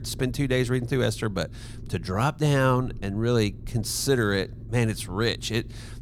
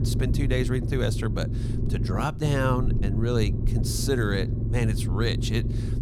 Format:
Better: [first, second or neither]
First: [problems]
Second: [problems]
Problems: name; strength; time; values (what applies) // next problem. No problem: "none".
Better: first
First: low rumble; faint; throughout; 25 dB below the speech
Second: low rumble; loud; throughout; 8 dB below the speech